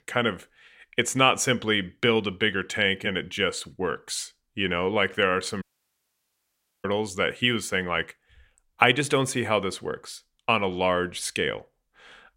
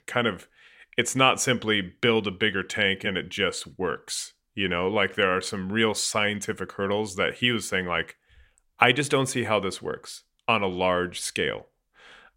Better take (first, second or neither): second